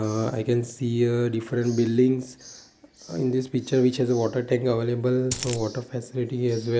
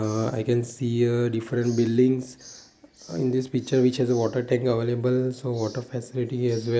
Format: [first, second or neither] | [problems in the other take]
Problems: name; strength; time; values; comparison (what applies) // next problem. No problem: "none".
second | background sound (Coin (dropping)); 6 dB below the speech